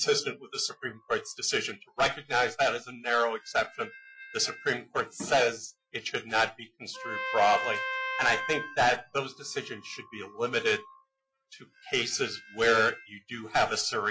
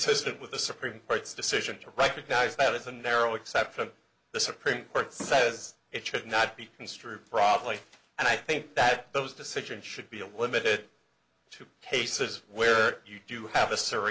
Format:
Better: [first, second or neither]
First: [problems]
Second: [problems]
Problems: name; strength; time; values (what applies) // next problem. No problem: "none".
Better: second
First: noise reduction (classical method Wiener filter)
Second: none